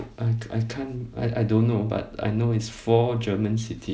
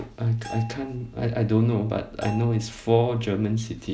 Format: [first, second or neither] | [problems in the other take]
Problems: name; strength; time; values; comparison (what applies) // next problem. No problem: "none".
first | background sound (Bell); 19 dB below the speech